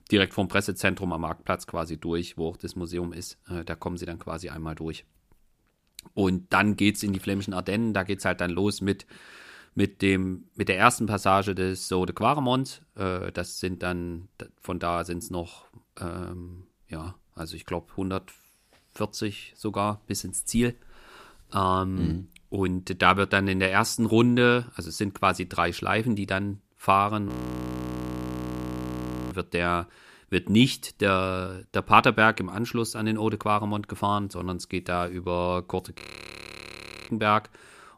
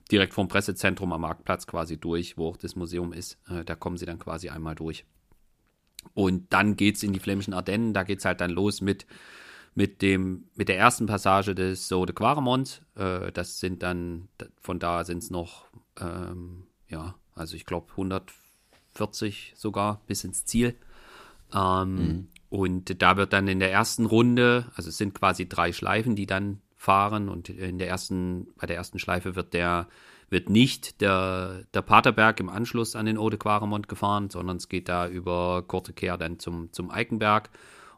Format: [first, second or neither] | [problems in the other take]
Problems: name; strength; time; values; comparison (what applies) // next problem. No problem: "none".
second | audio freezing; at 27 s for 2 s and at 36 s for 1 s